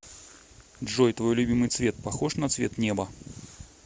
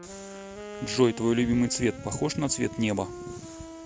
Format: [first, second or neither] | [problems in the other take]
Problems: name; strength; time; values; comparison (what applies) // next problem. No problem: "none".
first | background sound (Wind instrument, woodwind instrument); 14 dB below the speech